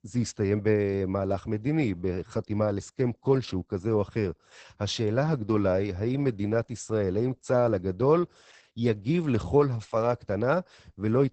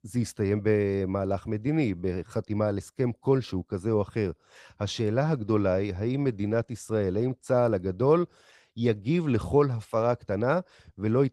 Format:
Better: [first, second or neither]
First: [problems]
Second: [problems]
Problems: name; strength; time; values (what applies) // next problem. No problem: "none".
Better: second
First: garbled, watery; badly; nothing above 8 kHz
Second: garbled, watery; slightly